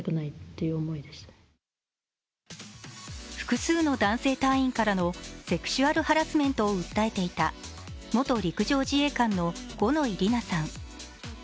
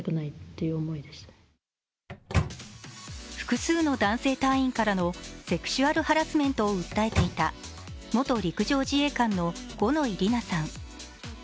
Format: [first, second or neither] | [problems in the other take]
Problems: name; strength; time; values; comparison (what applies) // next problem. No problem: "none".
first | background sound (Microwave oven); 3 dB below the speech